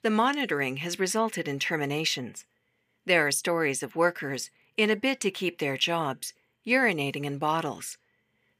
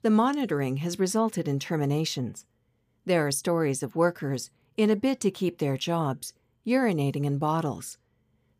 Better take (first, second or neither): second